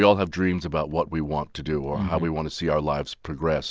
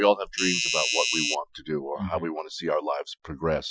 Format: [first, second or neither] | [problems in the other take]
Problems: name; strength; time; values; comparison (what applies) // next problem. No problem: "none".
first | noise reduction (classical method Wiener filter)